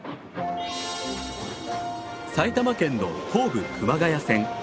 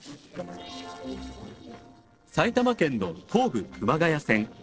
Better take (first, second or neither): first